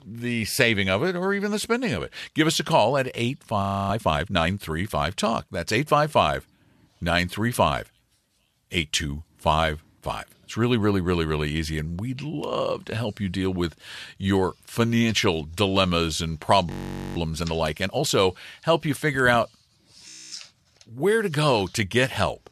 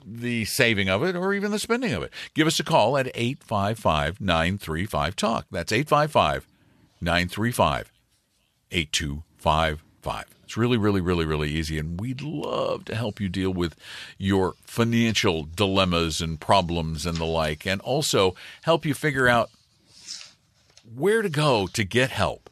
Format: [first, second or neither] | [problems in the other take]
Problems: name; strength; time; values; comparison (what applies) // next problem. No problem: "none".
second | audio freezing; at 3.5 s, at 17 s and at 20 s